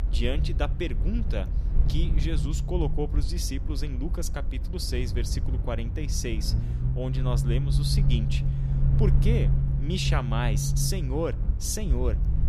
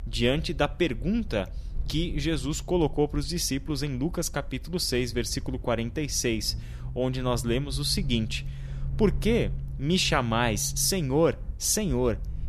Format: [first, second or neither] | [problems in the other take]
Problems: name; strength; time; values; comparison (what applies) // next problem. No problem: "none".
second | low rumble; loud; throughout; 7 dB below the speech; faint in the second